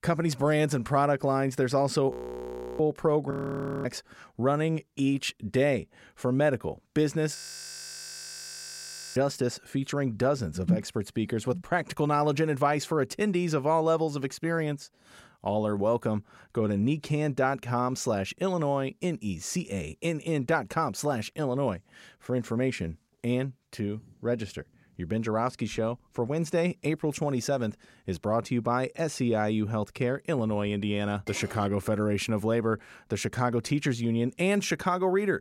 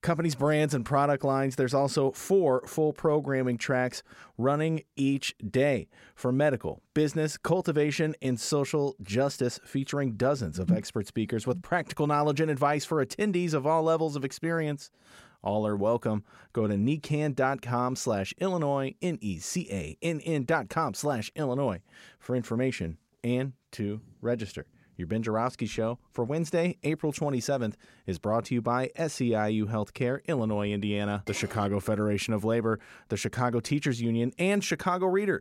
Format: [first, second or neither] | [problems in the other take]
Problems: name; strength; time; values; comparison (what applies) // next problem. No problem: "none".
second | audio freezing; at 2 s for 0.5 s, at 3.5 s for 0.5 s and at 7.5 s for 2 s